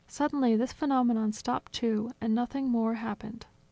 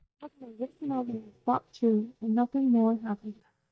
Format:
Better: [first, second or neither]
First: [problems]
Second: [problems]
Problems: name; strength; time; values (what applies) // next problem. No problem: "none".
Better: first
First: none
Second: noise reduction (neural mask model DeepFilterNet 3)